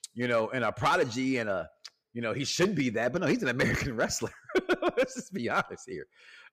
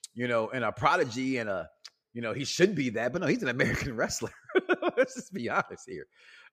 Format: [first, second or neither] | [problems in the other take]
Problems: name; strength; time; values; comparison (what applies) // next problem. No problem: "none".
second | distortion; slight; 3% of the sound clipped